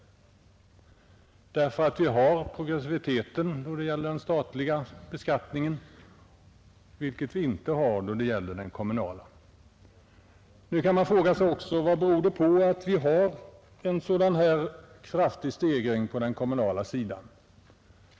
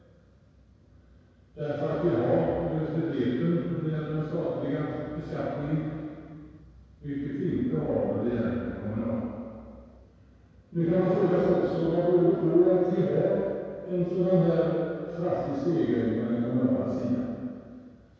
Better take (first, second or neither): first